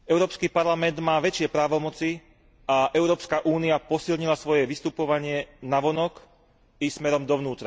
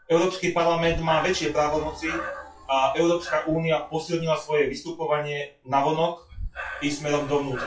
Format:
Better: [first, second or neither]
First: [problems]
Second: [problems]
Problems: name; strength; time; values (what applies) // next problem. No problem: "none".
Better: first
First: none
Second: noise reduction (classical method WPE with log-MMSE)